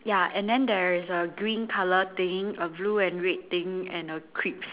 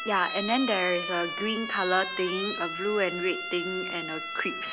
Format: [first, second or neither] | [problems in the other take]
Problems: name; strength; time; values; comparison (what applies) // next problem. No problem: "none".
first | background sound (Siren); 5 dB below the speech